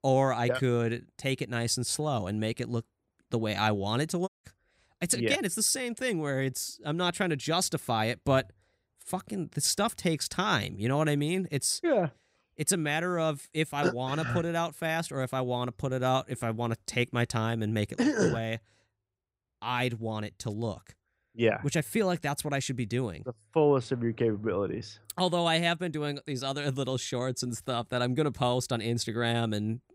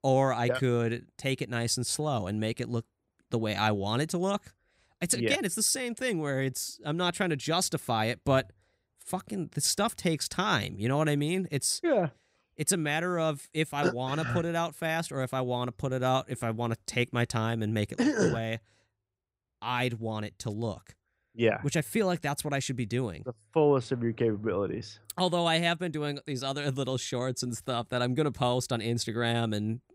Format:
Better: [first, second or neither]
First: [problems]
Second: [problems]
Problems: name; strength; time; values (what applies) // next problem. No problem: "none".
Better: second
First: audio cutting out; at 4.5 s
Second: none